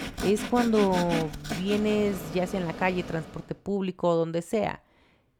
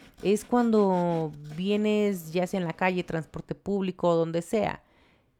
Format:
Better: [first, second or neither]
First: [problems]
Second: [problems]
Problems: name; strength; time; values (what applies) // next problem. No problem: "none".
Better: second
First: machinery noise; loud; until 3 s; 7 dB below the speech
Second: machinery noise; faint; until 3 s; 25 dB below the speech